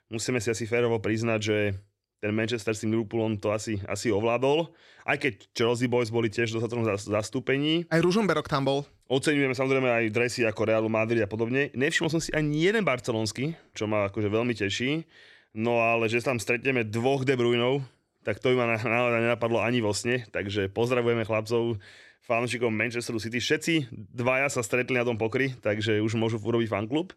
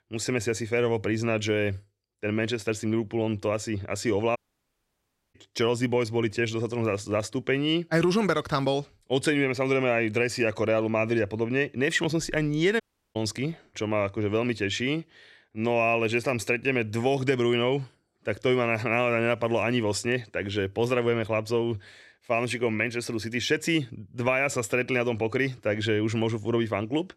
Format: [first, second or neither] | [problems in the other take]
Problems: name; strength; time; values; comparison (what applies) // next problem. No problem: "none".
first | audio cutting out; at 4.5 s for 1 s and at 13 s